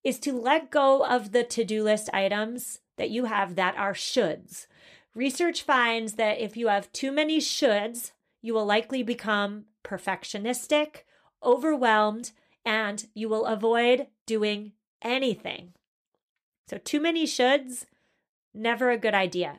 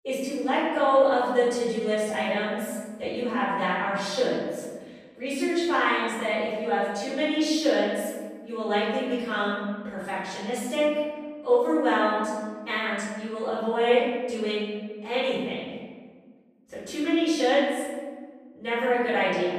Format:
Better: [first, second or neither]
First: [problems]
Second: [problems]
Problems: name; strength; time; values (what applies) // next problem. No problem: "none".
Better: first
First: none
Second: off-mic speech; far // room echo; strong; dies away in 1.4 s